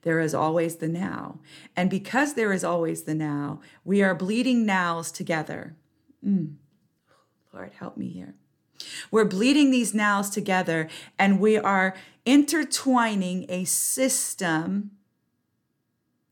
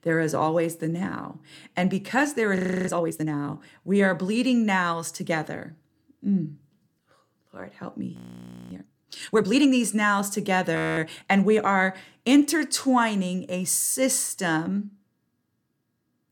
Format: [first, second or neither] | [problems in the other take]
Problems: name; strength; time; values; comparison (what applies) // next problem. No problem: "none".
first | audio freezing; at 2.5 s, at 8 s for 0.5 s and at 11 s